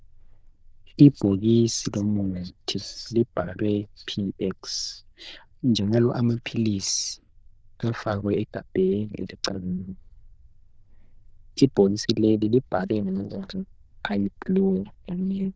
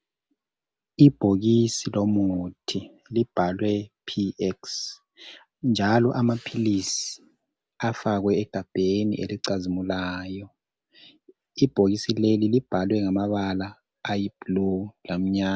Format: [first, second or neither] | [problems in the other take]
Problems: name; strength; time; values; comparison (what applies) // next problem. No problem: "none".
second | noise reduction (neural diffusion model UNIVERSE++)